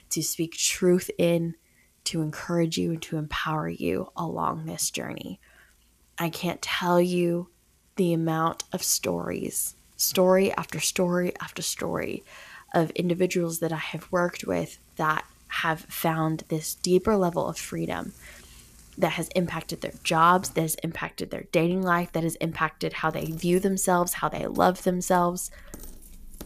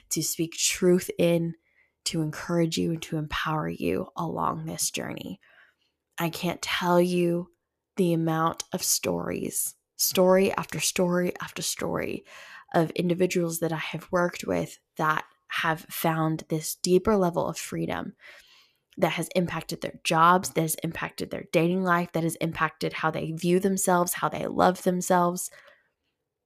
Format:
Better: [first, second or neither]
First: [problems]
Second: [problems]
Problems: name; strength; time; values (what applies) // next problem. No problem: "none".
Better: second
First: household noises; faint; throughout; 25 dB below the speech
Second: none